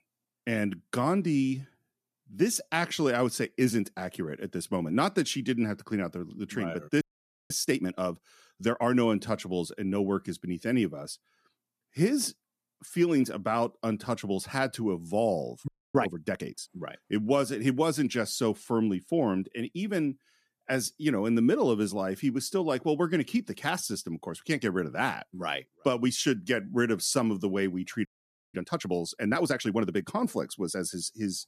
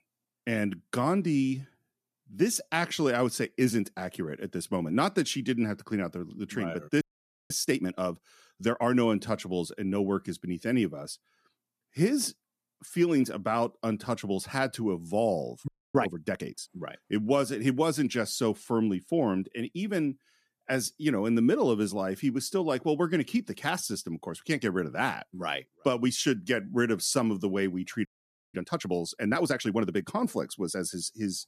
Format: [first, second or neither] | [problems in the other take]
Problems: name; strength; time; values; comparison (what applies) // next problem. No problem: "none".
neither | audio freezing; at 7 s, at 16 s and at 28 s; the same in both